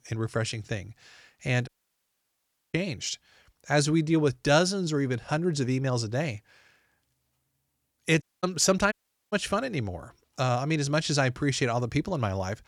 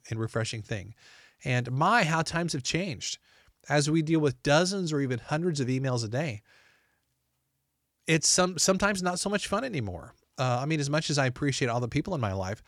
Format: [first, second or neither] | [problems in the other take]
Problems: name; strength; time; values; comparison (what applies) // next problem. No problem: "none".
second | audio cutting out; at 1.5 s for 1 s, at 8 s and at 9 s